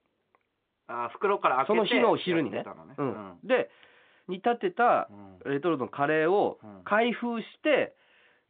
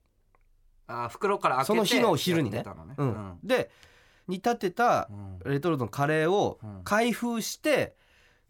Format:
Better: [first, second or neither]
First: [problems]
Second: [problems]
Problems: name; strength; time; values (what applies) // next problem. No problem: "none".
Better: second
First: phone-call audio; nothing above 3.5 kHz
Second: none